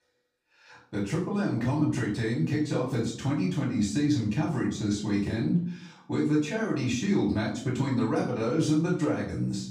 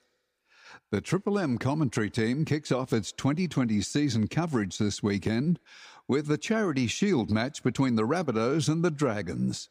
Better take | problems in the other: second | off-mic speech; far // room echo; noticeable; dies away in 0.5 s

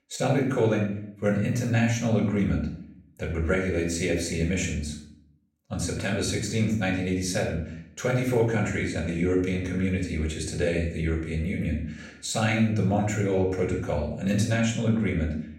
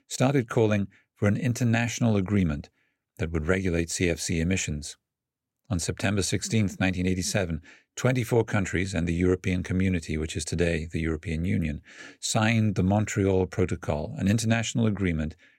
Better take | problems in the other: second | off-mic speech; somewhat distant // room echo; noticeable; dies away in 0.5 s

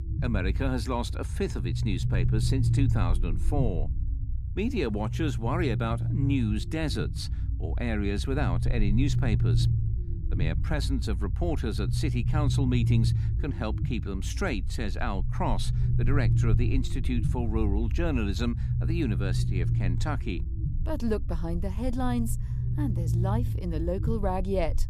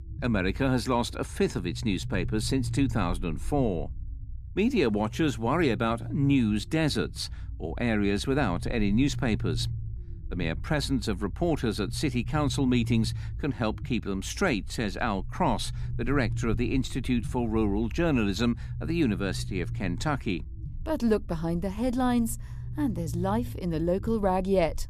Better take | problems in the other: second | low rumble; loud; throughout; 9 dB below the speech; faint in the second

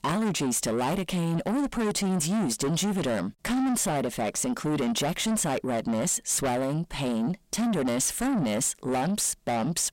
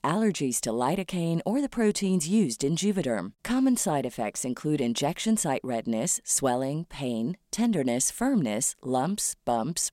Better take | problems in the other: second | distortion; heavy; 6 dB below the speech

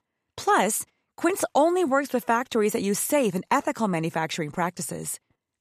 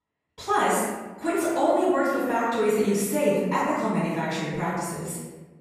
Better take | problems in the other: first | room echo; strong; dies away in 1.1 s // off-mic speech; far

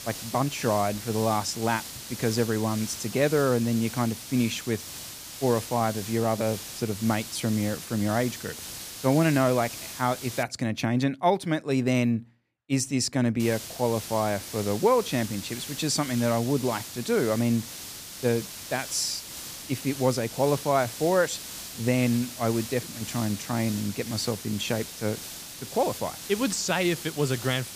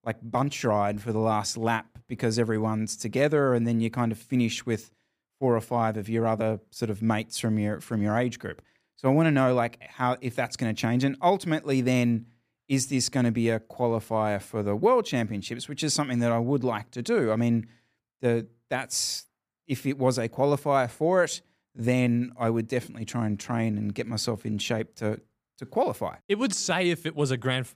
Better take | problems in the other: second | hiss; loud; until 10 s and from 13 s on; 10 dB below the speech

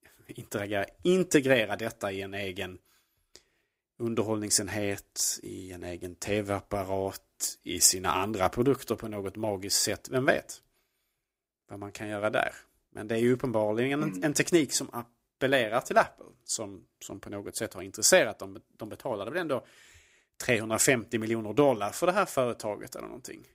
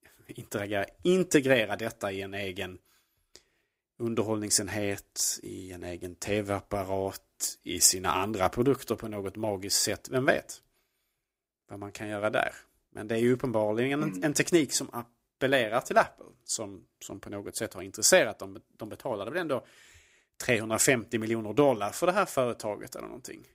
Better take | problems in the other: neither | none

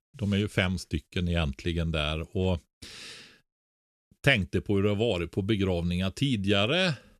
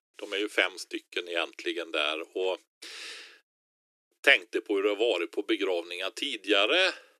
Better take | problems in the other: first | thin; very; fading below 300 Hz

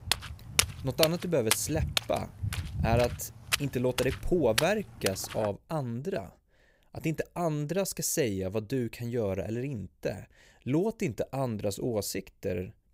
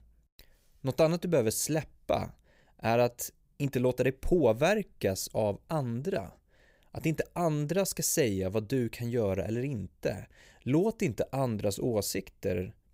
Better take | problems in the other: second | footsteps; loud; until 5.5 s; peak 4 dB above the speech

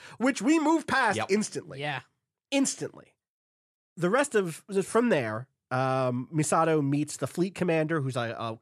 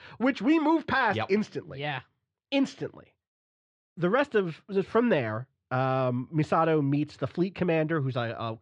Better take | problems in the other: first | muffled; slightly; fading above 4 kHz

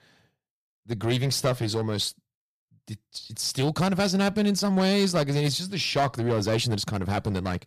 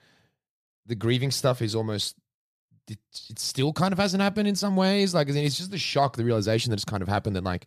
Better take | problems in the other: second | distortion; slight; 8% of the sound clipped

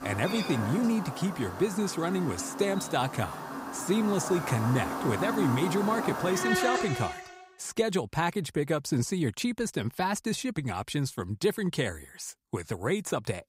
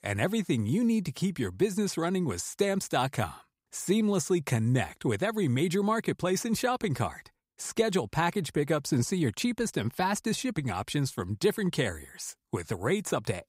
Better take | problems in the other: second | animal sounds; loud; until 7 s; 4 dB below the speech

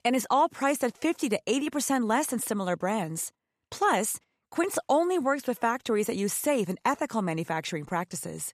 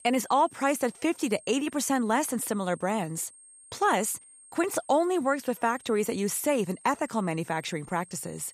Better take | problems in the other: first | high-pitched whine; faint; throughout; 8.5 kHz, 20 dB below the speech

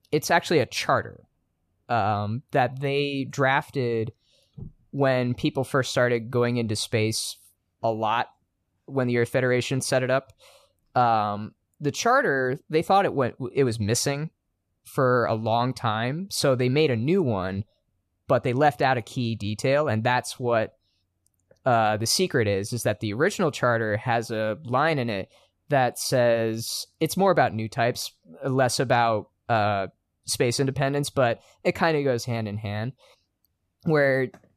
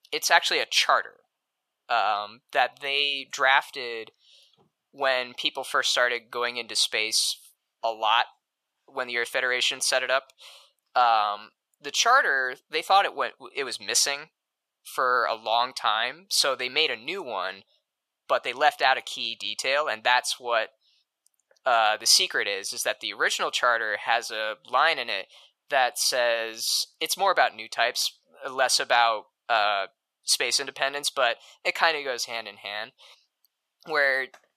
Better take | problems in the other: first | thin; very; fading below 900 Hz

